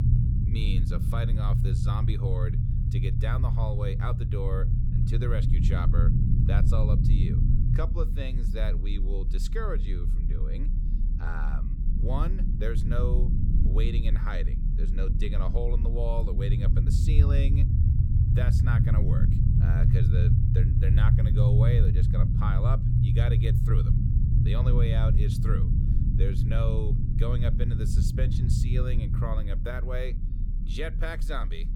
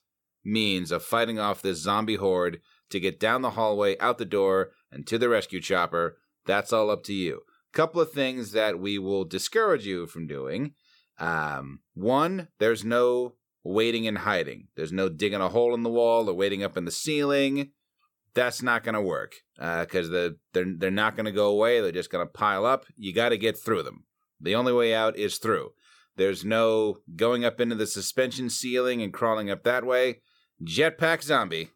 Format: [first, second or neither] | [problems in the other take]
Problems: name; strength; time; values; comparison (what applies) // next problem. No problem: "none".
second | low rumble; loud; throughout; 1 dB below the speech